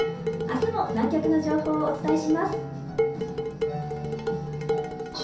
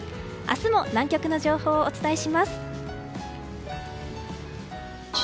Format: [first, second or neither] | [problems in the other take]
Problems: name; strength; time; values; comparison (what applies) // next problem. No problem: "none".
second | background sound (Dishes, pots, and pans); 3 dB below the speech // room echo; dies away in 0.6 s